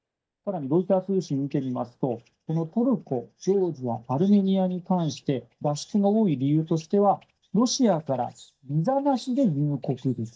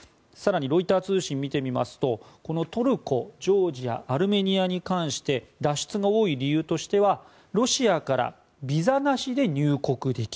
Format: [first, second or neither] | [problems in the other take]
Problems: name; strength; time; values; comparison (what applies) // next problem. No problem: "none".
second | noise reduction (neural mask model DeepFilterNet 3)